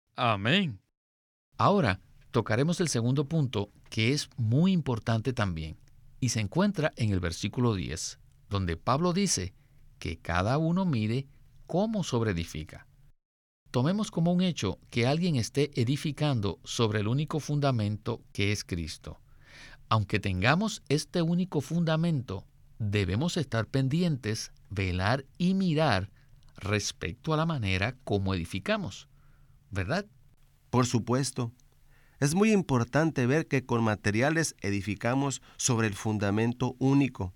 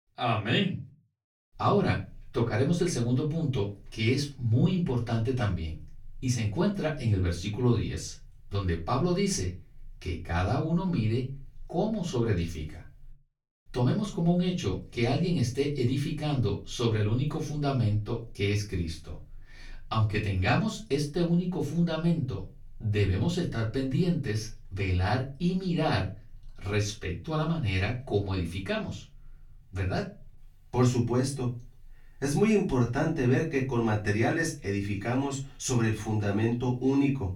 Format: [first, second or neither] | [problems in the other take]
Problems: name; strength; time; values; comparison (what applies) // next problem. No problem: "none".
first | off-mic speech; far // room echo; very slight; dies away in 0.3 s